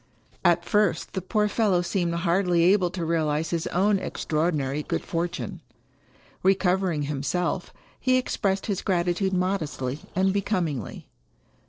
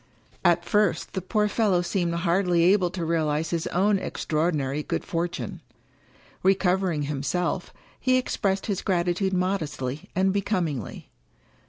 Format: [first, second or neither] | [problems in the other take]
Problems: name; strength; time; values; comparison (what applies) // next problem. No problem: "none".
second | noise reduction (neural separator model SepFormer DNS4)